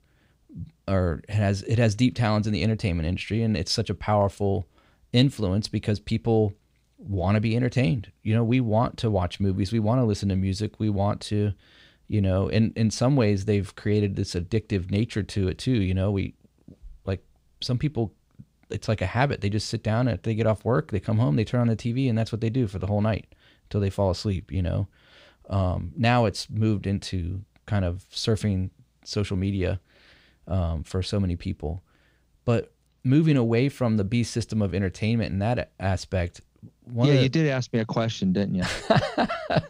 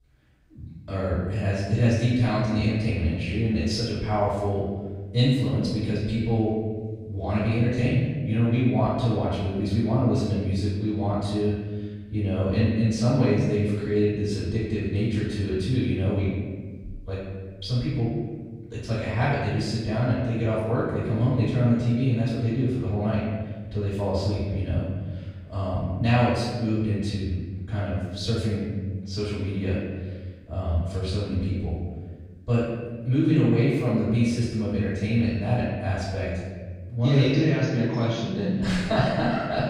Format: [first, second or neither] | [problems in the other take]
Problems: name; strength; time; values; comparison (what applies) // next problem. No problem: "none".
first | off-mic speech; far // room echo; strong; dies away in 1.4 s